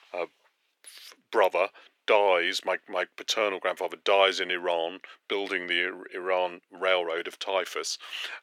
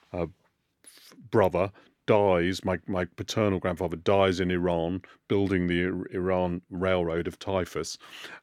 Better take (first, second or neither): second